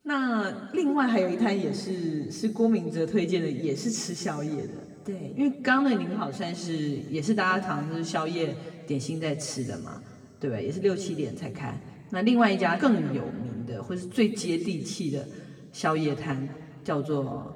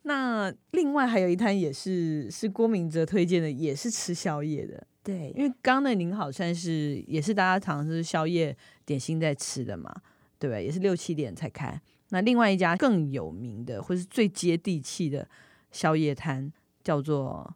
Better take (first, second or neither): second